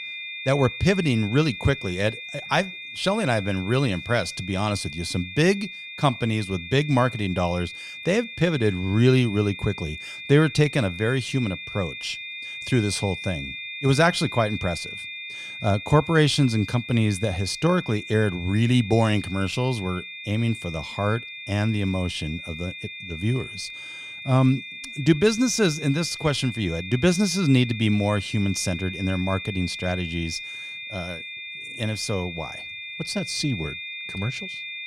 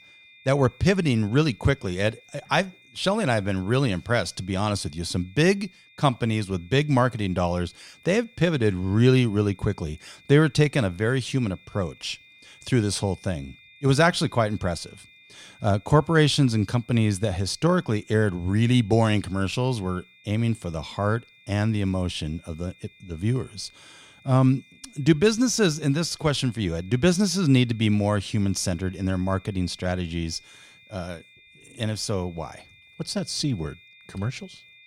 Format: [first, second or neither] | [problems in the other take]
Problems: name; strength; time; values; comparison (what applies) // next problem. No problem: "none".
second | high-pitched whine; loud; throughout; 2.5 kHz, 10 dB below the speech; faint in the second